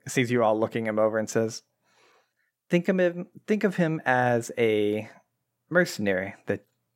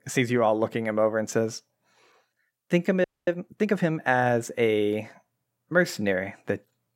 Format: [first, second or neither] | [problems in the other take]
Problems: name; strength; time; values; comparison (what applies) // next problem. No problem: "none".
first | audio freezing; at 3 s